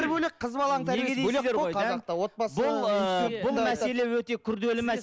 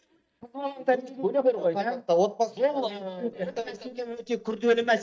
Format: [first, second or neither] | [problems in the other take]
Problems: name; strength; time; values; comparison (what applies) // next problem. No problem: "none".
first | noise reduction (neural mask model DeepFilterNet 3)